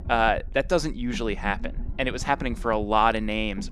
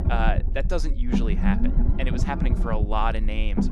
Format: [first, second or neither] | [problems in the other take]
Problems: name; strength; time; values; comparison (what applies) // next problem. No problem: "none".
first | low rumble; loud; throughout; 5 dB below the speech; faint in the first